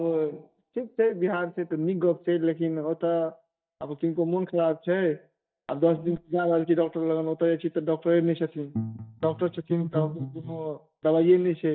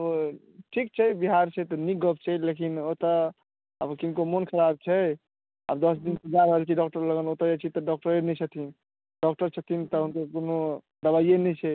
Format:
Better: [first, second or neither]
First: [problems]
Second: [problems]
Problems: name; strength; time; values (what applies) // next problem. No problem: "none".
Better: second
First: noise reduction (neural mask model DeepFilterNet 3)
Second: none